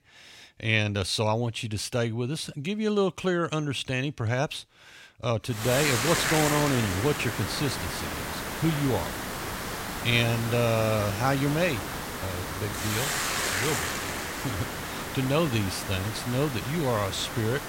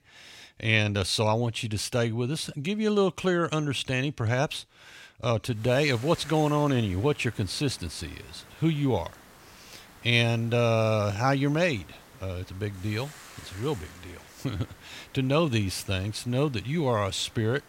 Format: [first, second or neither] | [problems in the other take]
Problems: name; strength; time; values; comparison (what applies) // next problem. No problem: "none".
second | hiss; loud; from 5.5 s on; 3 dB below the speech; faint in the second